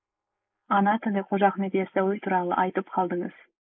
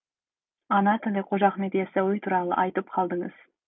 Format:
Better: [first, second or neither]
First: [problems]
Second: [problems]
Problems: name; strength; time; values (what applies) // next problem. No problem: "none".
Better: second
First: noise reduction (neural mask model Resemble Enhance denoiser)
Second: none